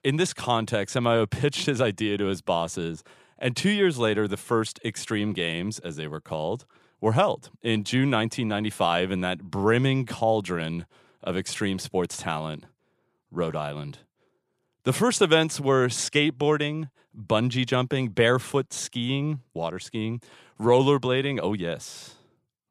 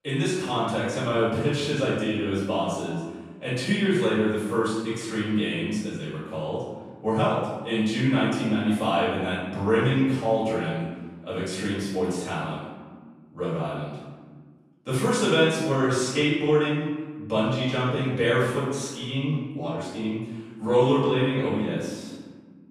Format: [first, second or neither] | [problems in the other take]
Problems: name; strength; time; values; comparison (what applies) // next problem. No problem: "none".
first | room echo; strong; dies away in 1.3 s // off-mic speech; far